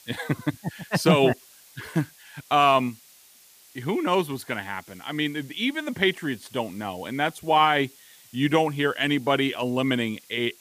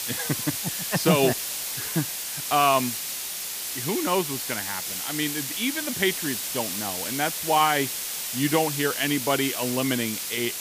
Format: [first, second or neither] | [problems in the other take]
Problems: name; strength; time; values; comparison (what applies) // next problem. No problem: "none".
first | hiss; loud; throughout; 2 dB below the speech; faint in the first